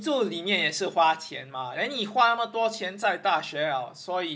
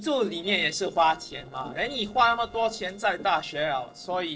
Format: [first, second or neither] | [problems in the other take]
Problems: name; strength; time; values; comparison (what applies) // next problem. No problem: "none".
first | noise reduction (neural separator model SepFormer DNS4)